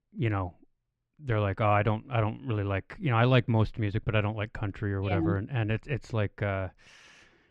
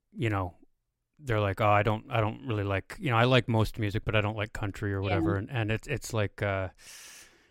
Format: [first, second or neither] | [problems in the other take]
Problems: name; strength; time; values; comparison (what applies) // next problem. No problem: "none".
second | muffled; slightly; fading above 3.5 kHz